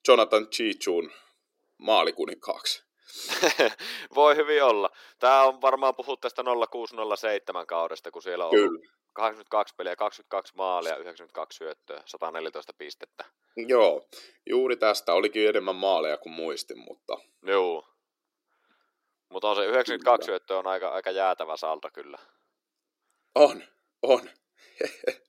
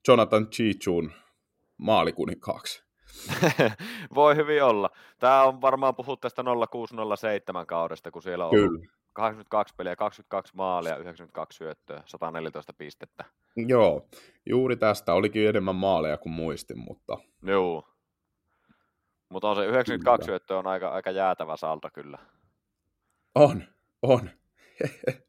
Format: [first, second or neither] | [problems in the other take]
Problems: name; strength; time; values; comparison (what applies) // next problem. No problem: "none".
second | thin; somewhat; fading below 350 Hz